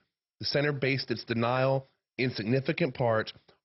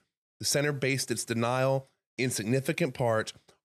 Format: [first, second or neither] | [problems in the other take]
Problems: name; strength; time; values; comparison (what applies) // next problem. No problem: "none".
second | garbled, watery; badly; nothing above 5.5 kHz